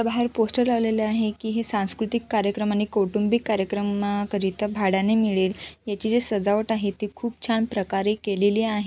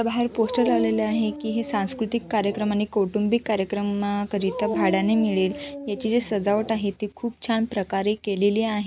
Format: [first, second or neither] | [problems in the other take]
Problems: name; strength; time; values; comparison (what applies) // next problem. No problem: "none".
first | background sound (Dog); 10 dB below the speech